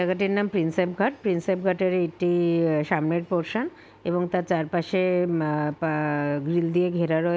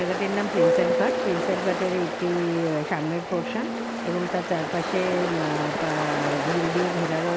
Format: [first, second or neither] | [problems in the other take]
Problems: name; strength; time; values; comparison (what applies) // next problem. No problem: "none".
first | background sound (Ocean); as loud as the speech